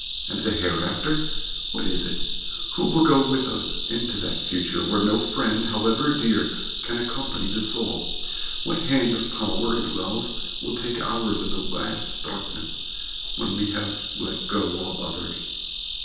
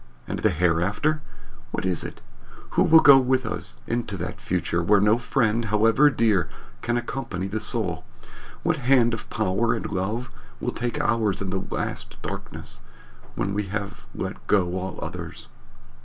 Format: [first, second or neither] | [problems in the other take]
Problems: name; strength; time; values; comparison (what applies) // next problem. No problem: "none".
second | background sound (Insect); 2 dB below the speech // room echo; dies away in 0.9 s